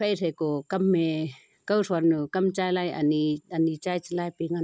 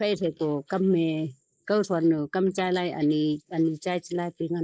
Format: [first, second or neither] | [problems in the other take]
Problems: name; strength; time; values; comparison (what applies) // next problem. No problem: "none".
first | noise reduction (neural mask model Resemble Enhance denoiser)